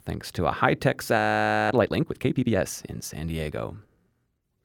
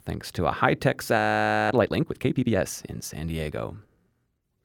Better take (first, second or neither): neither